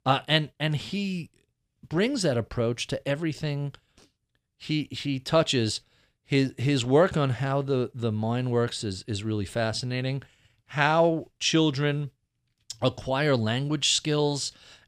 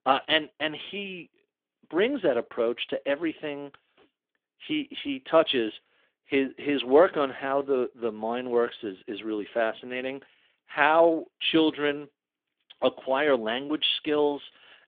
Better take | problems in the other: first | phone-call audio; nothing above 3.5 kHz

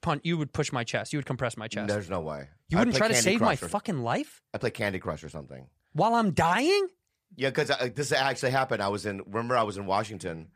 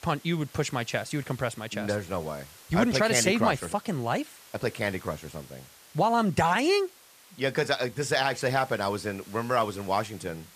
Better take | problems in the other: first | hiss; faint; throughout; 20 dB below the speech

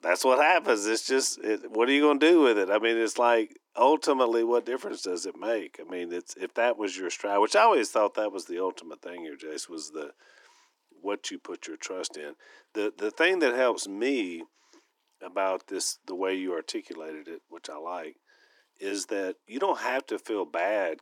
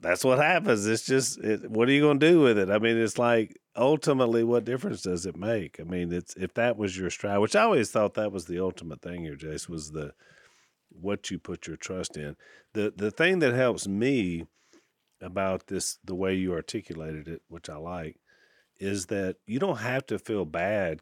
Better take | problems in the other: second | thin; somewhat; fading below 300 Hz

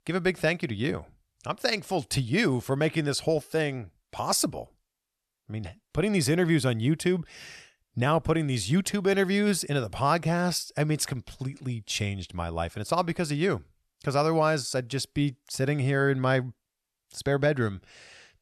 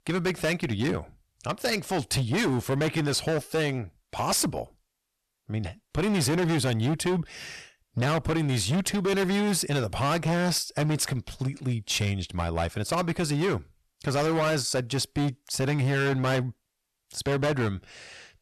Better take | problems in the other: first | distortion; heavy; 18% of the sound clipped

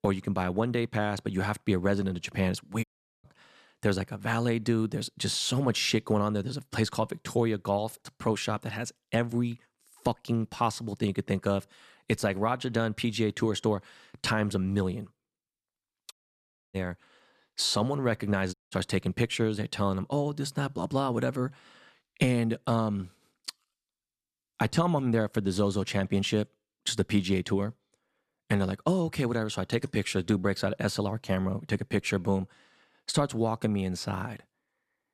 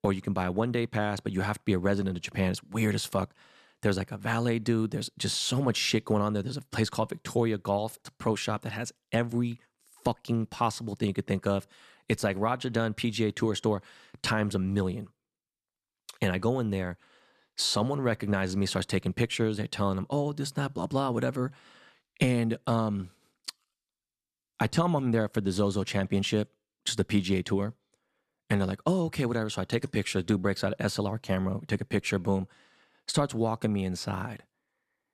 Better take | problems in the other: second | audio cutting out; at 3 s, at 16 s for 0.5 s and at 19 s

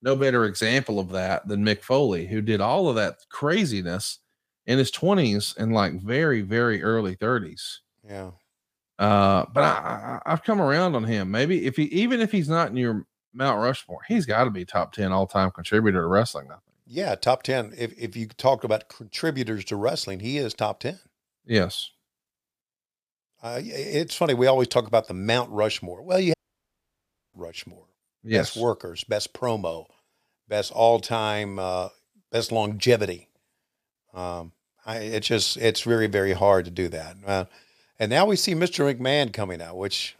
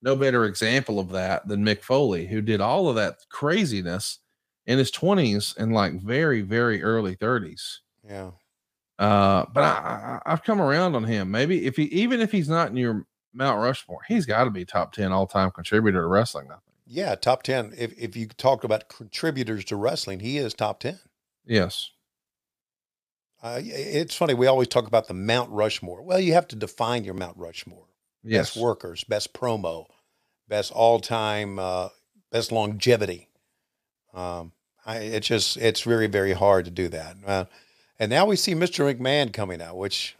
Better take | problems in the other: second | audio cutting out; at 26 s for 1 s

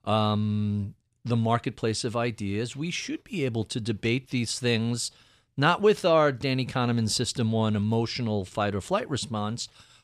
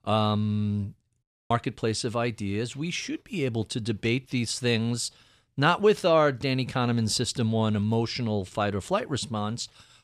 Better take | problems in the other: first | audio cutting out; at 1 s

